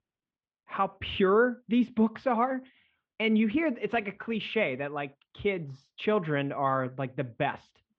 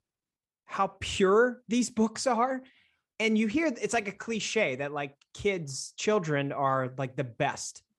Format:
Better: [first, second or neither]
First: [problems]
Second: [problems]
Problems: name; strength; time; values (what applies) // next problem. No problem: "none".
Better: second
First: muffled; very; fading above 3.5 kHz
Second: none